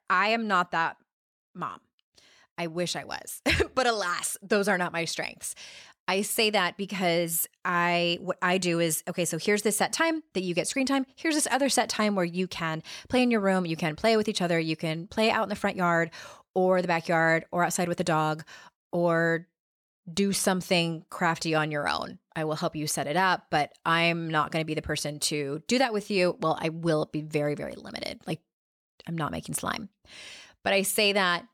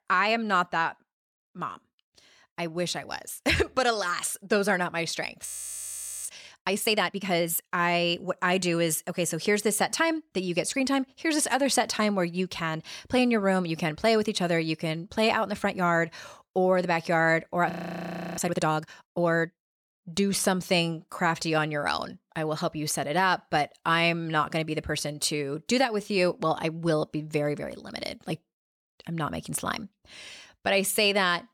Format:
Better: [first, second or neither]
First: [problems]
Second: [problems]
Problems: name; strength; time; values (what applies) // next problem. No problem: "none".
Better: first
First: none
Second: audio freezing; at 5.5 s for 1 s and at 18 s for 0.5 s